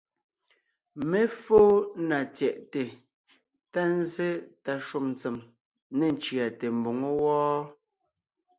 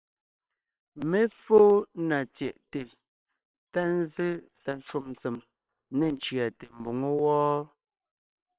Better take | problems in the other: first | noise reduction (neural separator model SepFormer WHAM!)

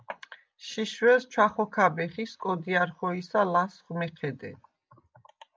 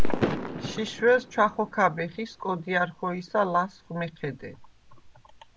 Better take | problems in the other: first | background sound (Fireworks); 3 dB below the speech

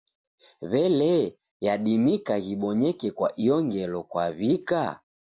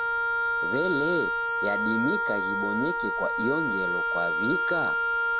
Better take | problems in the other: first | background sound (Wind instrument, woodwind instrument); 4 dB above the speech

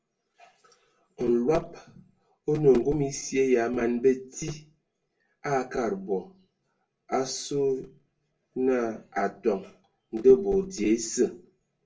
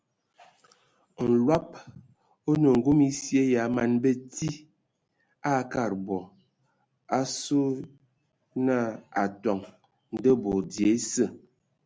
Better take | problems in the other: second | room echo; dies away in 0.2 s

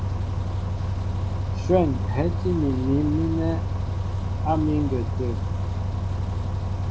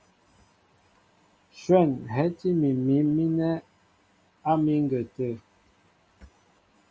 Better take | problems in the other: second | background sound (Bus); 2 dB above the speech

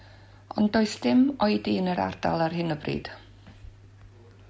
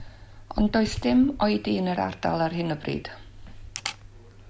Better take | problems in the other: first | background sound (Camera); 13 dB below the speech

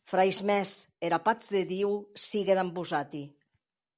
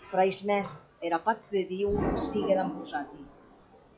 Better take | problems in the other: first | noise reduction (classical method log-MMSE)

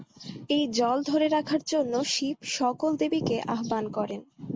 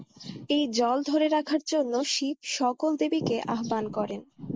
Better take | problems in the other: first | noise reduction (neural mask model Resemble Enhance denoiser)

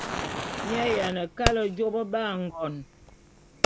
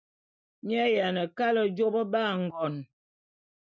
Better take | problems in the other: second | background sound (Fireworks + Fire); 3 dB below the speech

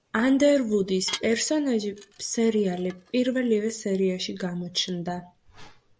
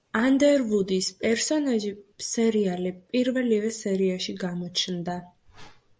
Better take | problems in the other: second | background sound (Dishes, pots, and pans / Glass); 18 dB below the speech

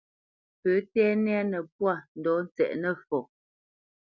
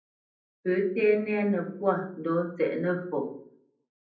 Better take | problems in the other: first | room echo; dies away in 0.6 s

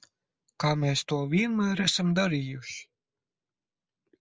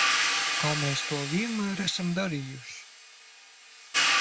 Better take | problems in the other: first | background sound (Hi-hat); 3 dB above the speech

